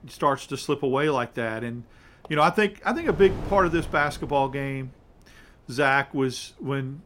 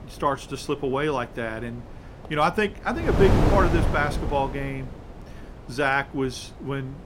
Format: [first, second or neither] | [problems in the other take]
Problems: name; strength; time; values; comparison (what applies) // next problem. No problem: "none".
first | wind noise on the microphone; heavy; 4 dB below the speech; occasional gusts in the first